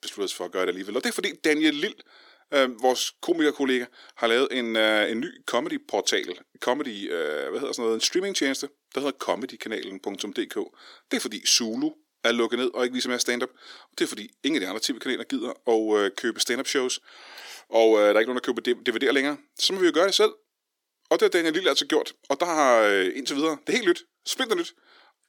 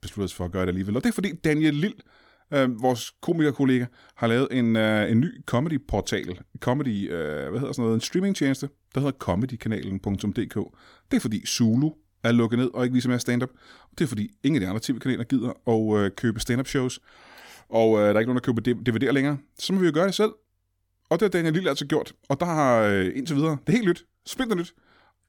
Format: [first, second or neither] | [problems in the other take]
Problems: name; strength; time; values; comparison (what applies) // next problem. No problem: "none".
second | thin; somewhat; fading below 350 Hz